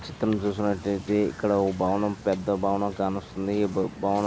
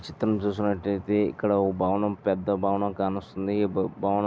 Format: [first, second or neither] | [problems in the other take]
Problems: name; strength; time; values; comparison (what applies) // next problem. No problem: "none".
second | background sound (Wind / Boat, Water vehicle); 19 dB below the speech